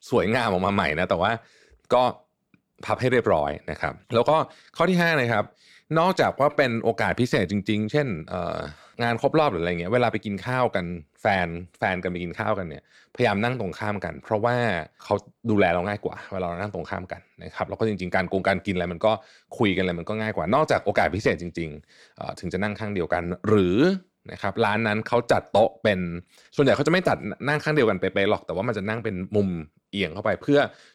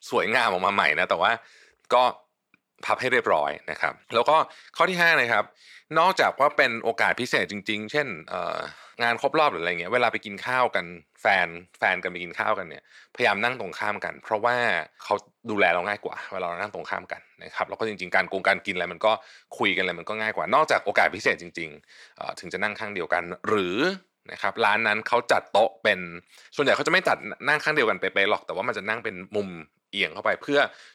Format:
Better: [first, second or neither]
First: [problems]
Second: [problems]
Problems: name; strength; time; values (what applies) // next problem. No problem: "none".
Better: first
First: none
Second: thin; somewhat; fading below 750 Hz